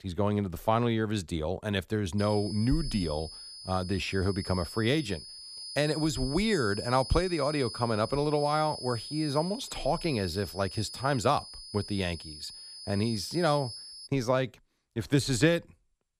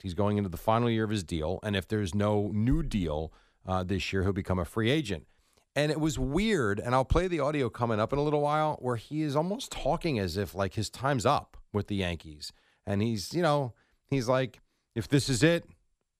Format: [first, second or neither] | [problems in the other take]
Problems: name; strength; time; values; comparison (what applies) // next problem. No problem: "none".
second | high-pitched whine; noticeable; from 2 to 14 s; 5 kHz, 10 dB below the speech